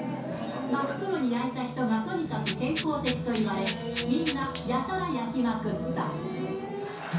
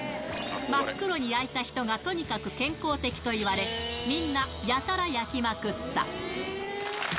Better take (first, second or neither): second